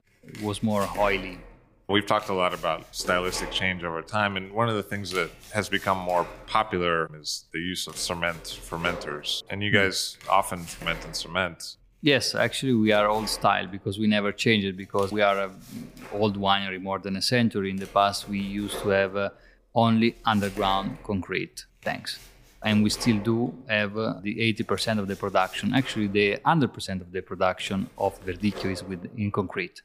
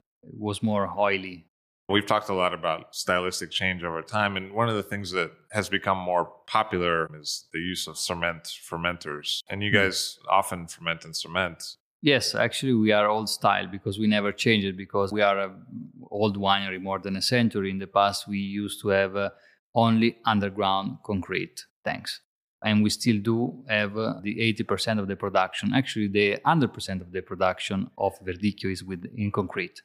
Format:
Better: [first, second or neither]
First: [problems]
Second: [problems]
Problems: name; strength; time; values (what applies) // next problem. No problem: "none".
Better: second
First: household noises; noticeable; throughout; 15 dB below the speech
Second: none